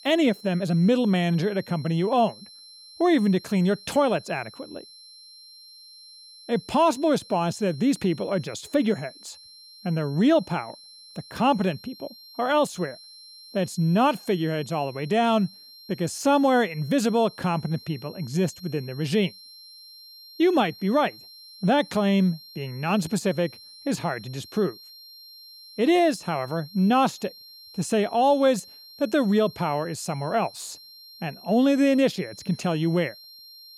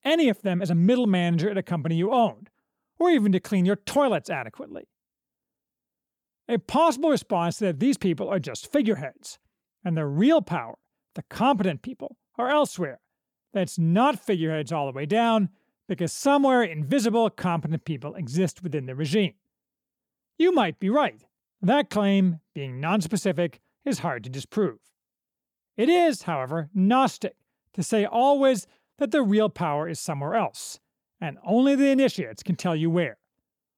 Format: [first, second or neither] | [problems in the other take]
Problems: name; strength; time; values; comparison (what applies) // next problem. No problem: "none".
second | high-pitched whine; faint; throughout; 4 kHz, 20 dB below the speech